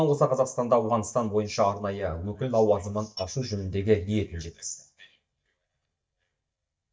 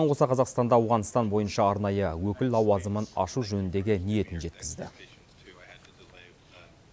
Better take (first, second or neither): second